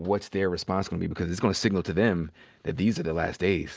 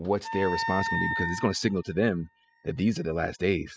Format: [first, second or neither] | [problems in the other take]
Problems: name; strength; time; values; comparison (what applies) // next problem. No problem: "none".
first | noise reduction (classical method spectral subtraction)